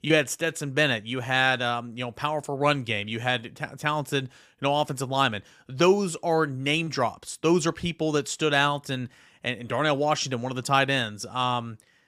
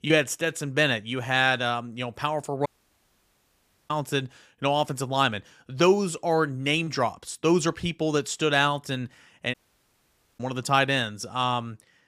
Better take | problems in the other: first | audio cutting out; at 2.5 s for 1 s and at 9.5 s for 1 s

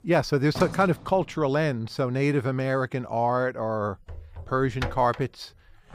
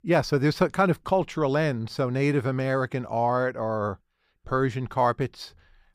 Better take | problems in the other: second | household noises; noticeable; throughout; 15 dB below the speech

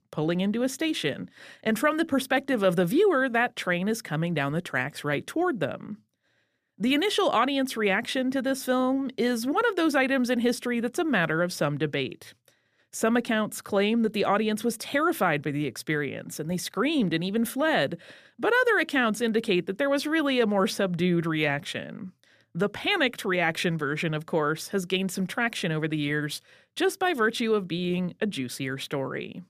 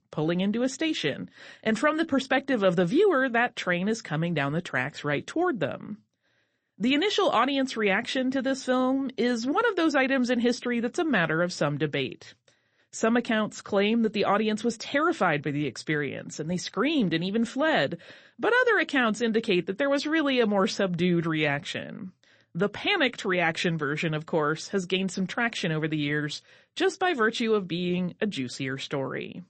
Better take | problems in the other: first | garbled, watery; slightly; nothing above 8 kHz

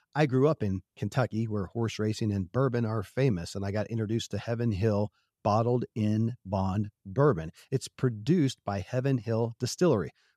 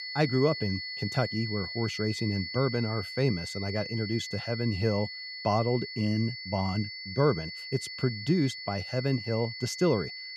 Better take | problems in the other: first | high-pitched whine; loud; throughout; 4.5 kHz, 7 dB below the speech

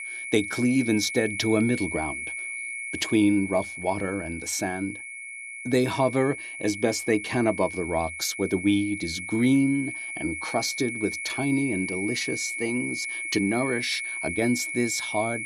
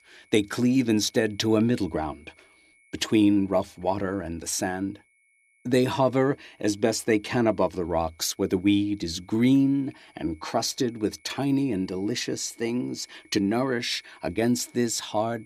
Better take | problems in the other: second | high-pitched whine; loud; throughout; 2 kHz, 6 dB below the speech; faint in the second

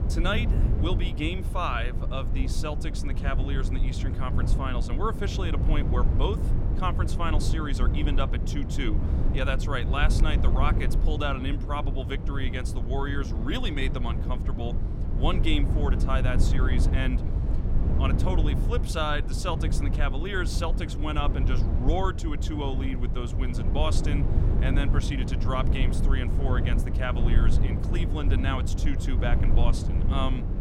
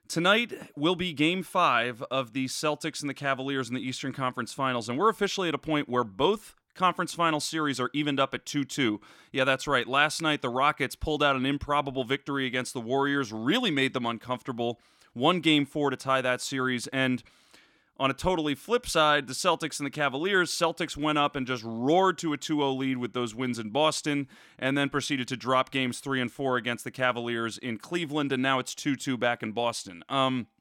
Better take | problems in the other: second | low rumble; loud; throughout; 7 dB below the speech

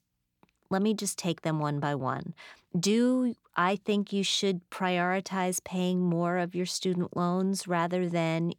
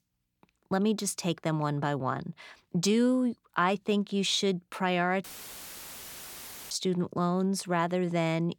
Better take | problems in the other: first | audio cutting out; filled with static; at 5 s for 1.5 s

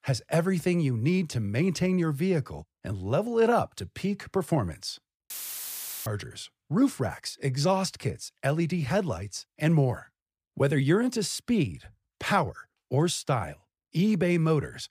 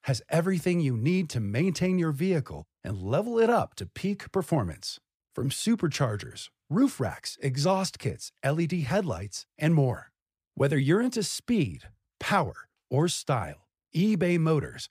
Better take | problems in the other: second | audio cutting out; filled with static; at 5.5 s for 1 s

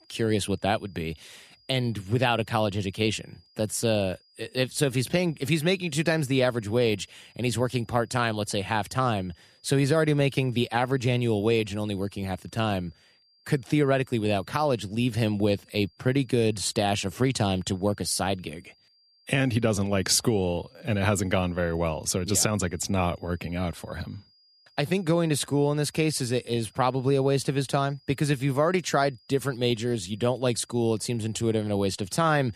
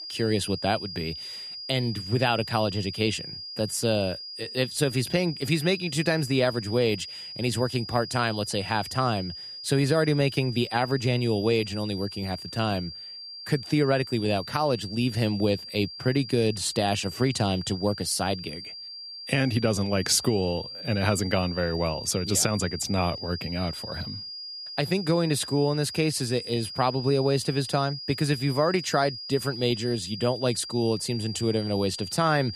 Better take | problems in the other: first | high-pitched whine; loud; throughout; 5 kHz, 10 dB below the speech; faint in the first

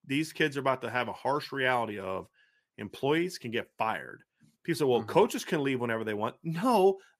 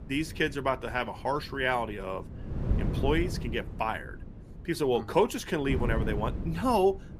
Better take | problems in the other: first | wind noise on the microphone; occasional gusts; 15 dB below the speech

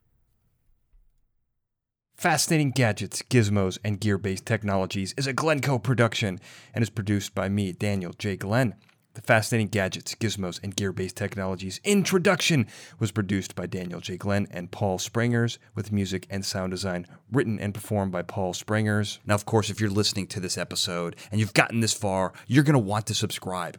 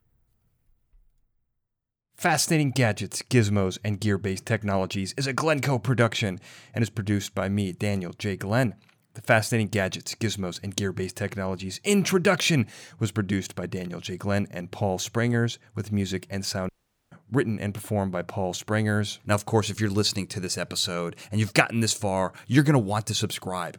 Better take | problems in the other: first | audio cutting out; at 17 s

